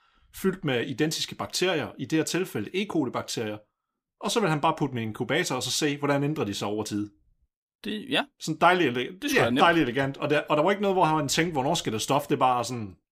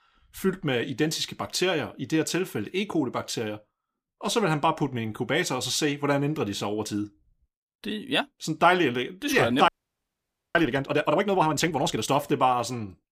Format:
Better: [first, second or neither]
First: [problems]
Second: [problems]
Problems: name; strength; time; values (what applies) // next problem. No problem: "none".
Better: first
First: none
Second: audio freezing; at 9.5 s for 1 s